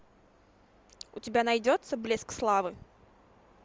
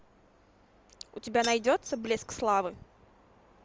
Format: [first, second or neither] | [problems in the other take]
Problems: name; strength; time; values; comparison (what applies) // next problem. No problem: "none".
first | background sound (Keys jangling); 12 dB below the speech